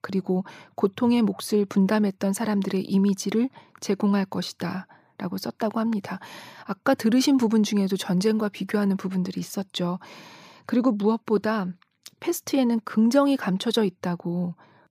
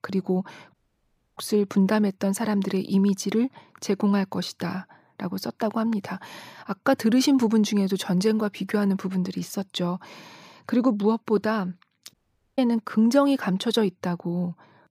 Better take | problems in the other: first | audio cutting out; at 0.5 s for 0.5 s and at 12 s

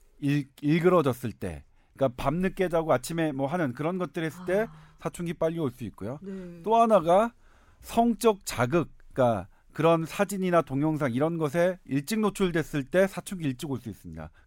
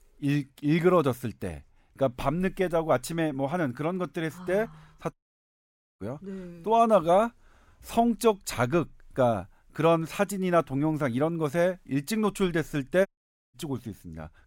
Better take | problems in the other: first | audio cutting out; at 5 s for 1 s and at 13 s

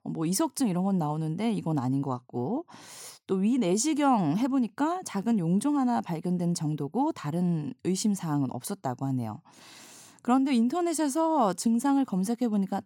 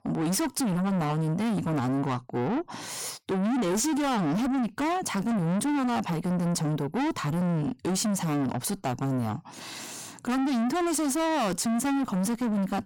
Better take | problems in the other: first | distortion; heavy; 6 dB below the speech

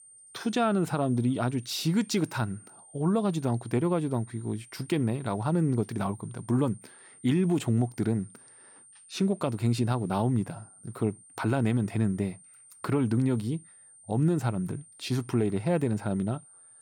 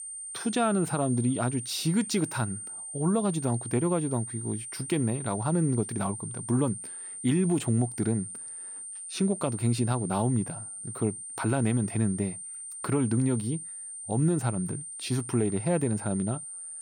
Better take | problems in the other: first | high-pitched whine; loud; throughout; 9 kHz, 8 dB below the speech; faint in the first

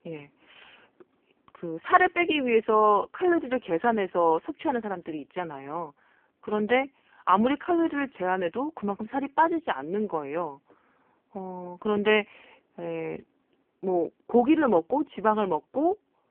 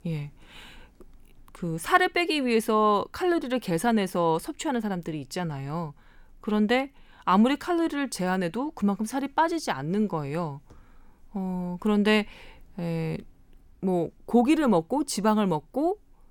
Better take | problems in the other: second | phone-call audio; poor line; nothing above 3 kHz

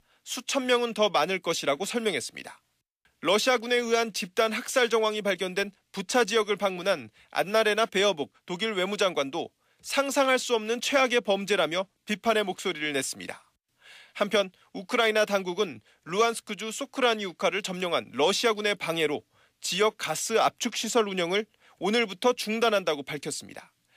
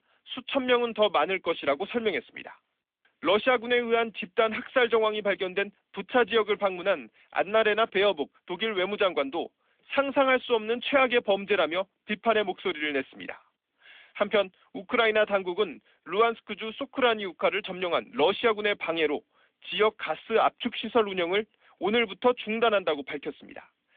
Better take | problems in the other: first | phone-call audio; nothing above 3.5 kHz

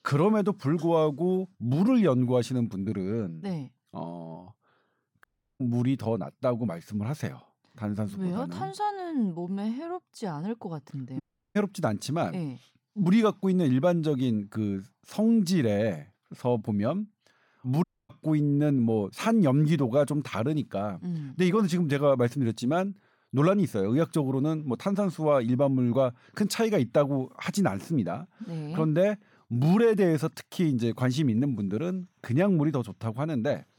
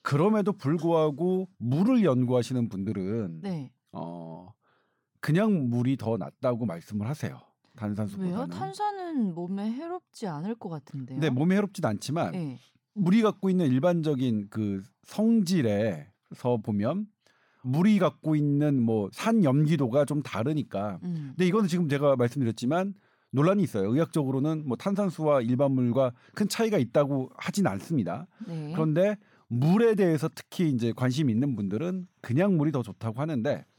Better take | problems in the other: second | audio cutting out; at 5 s, at 11 s and at 18 s

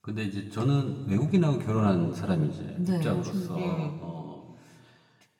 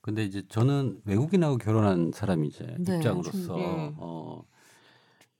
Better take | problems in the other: second | room echo; slight; dies away in 1.4 s // off-mic speech; somewhat distant

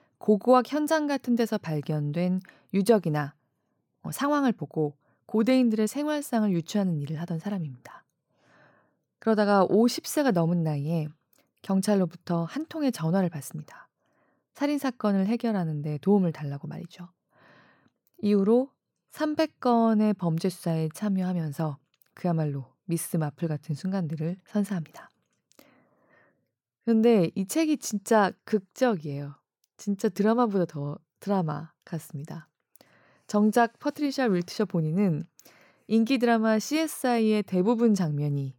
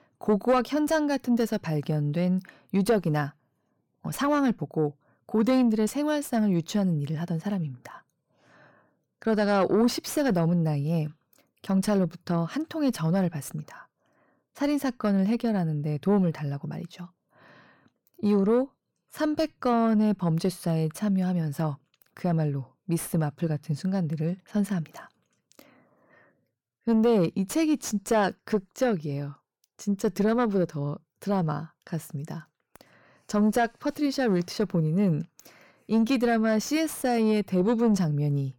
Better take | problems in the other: first | distortion; slight; 10 dB below the speech

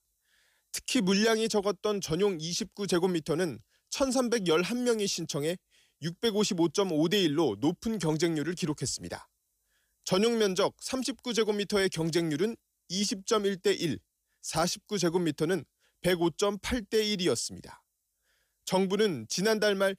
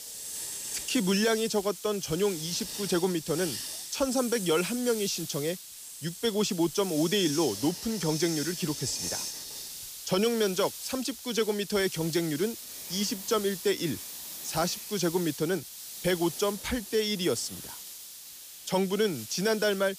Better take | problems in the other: first | hiss; loud; throughout; 8 dB below the speech

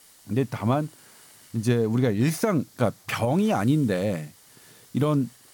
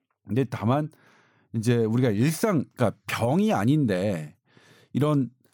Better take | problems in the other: second | hiss; faint; throughout; 25 dB below the speech

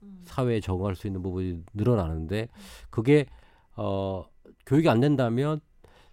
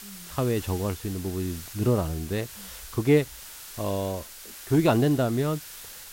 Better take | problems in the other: first | hiss; noticeable; throughout; 15 dB below the speech

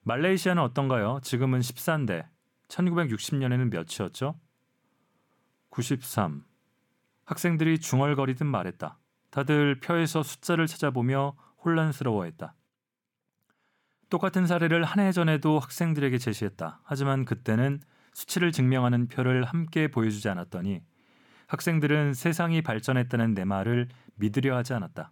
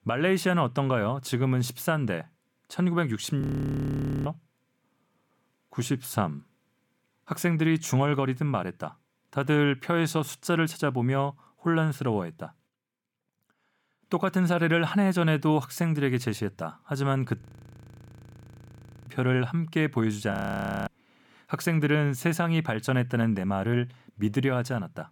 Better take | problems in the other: first | audio freezing; at 3.5 s for 1 s, at 17 s for 1.5 s and at 20 s for 0.5 s

